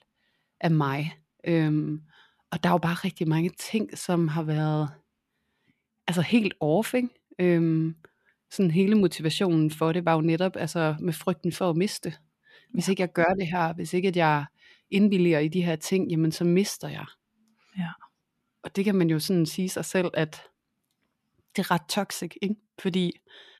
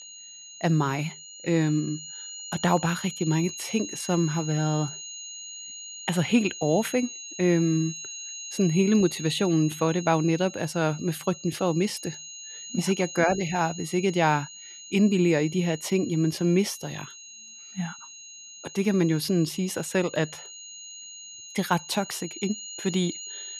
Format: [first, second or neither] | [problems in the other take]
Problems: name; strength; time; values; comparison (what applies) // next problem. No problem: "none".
first | high-pitched whine; noticeable; throughout; 6.5 kHz, 10 dB below the speech